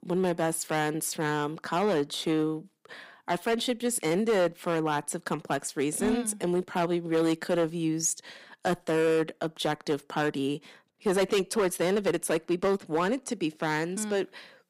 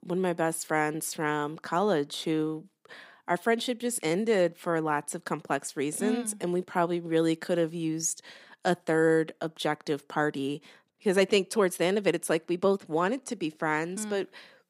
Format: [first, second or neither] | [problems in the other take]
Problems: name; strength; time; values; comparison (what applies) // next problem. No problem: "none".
second | distortion; slight; 6% of the sound clipped